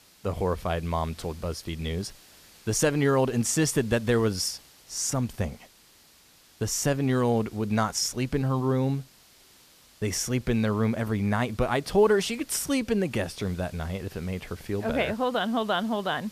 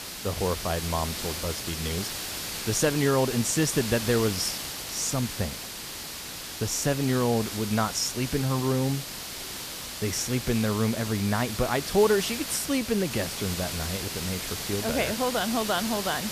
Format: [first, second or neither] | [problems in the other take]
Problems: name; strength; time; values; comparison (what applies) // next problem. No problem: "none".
first | hiss; loud; throughout; 5 dB below the speech; faint in the first